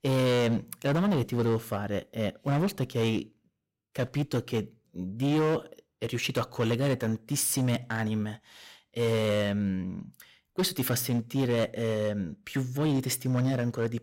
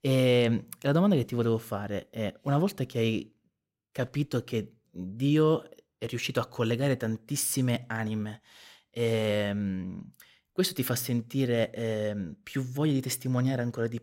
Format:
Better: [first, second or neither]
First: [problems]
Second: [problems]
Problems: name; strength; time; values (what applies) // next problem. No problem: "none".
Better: second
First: distortion; slight; 11% of the sound clipped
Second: none